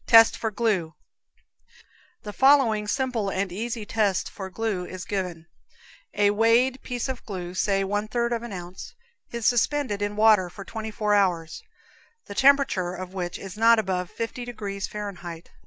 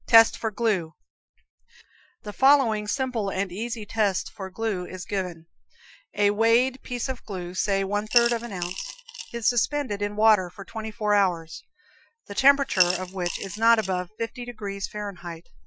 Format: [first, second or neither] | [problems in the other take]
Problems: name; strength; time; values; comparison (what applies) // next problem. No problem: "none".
first | noise reduction (classical method Wiener filter)